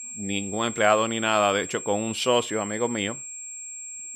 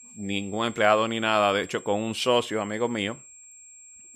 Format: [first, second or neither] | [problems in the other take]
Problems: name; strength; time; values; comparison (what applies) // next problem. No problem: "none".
second | high-pitched whine; loud; throughout; 7.5 kHz, 10 dB below the speech; faint in the second